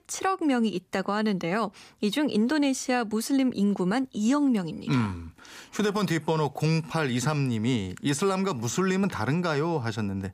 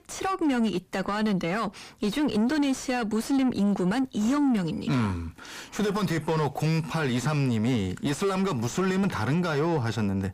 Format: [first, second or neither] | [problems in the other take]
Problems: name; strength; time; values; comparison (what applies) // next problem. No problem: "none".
first | distortion; slight; 9 dB below the speech